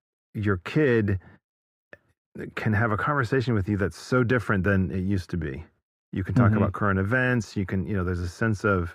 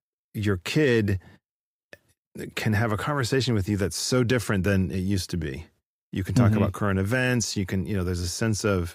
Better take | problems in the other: second | muffled; very; fading above 3 kHz

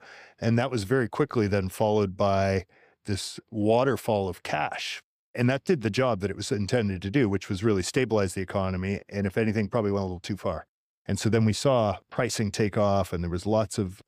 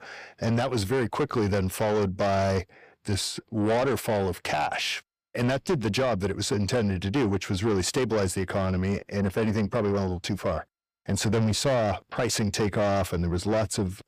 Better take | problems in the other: first | distortion; heavy; 7 dB below the speech

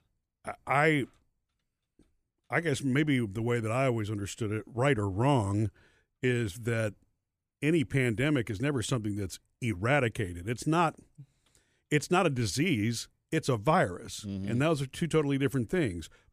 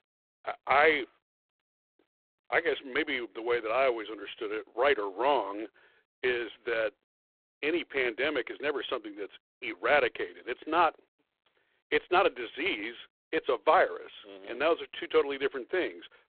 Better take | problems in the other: first | phone-call audio; poor line

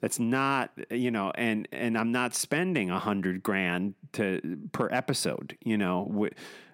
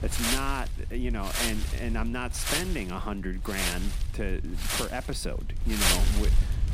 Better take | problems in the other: first | wind noise on the microphone; heavy; 4 dB above the speech

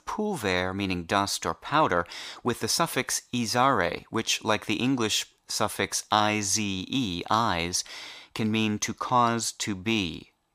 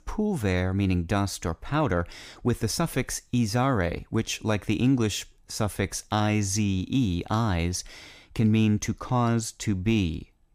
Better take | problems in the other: second | thin; somewhat; fading below 900 Hz

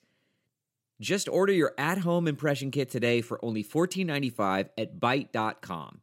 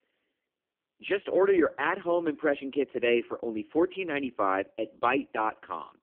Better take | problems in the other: first | phone-call audio; poor line

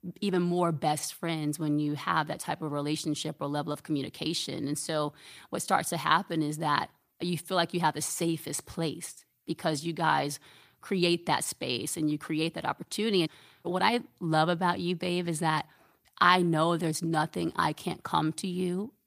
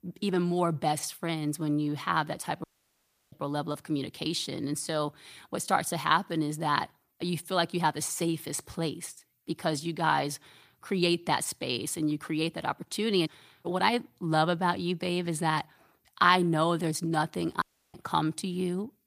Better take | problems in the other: first | audio cutting out; at 2.5 s for 0.5 s and at 18 s

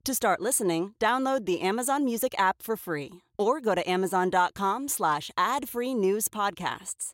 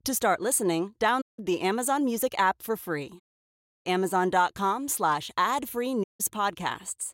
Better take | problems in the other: first | audio cutting out; at 1 s, at 3 s for 0.5 s and at 6 s

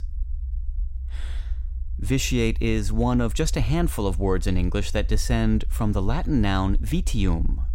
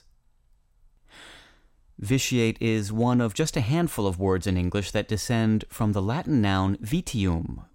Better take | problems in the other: second | low rumble; faint; throughout; 25 dB below the speech

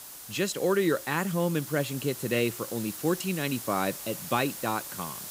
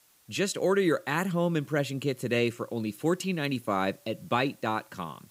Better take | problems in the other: second | hiss; loud; throughout; 9 dB below the speech; faint in the second

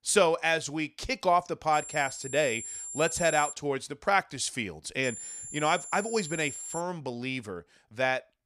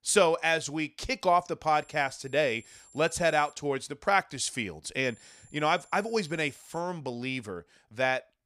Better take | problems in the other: second | high-pitched whine; loud; from 1.5 to 3.5 s and from 5 to 7 s; 7.5 kHz, 9 dB below the speech; faint in the second

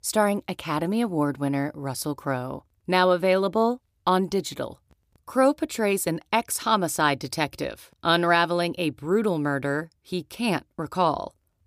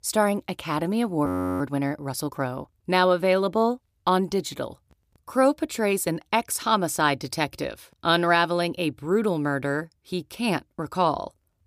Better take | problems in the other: first | audio freezing; at 1.5 s

